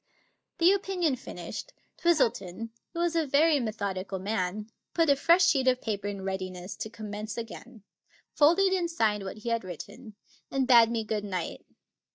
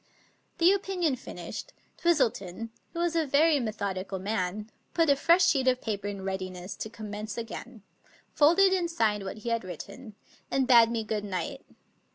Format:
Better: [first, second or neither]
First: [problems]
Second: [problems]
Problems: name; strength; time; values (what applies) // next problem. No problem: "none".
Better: second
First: noise reduction (neural mask model DeepFilterNet 3)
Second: none